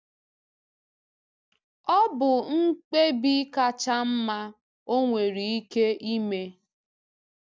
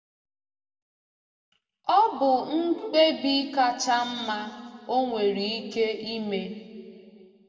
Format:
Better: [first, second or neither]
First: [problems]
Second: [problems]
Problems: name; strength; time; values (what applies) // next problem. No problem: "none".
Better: first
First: none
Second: background sound (Bowed string instrument); 17 dB below the speech // room echo; dies away in 2 s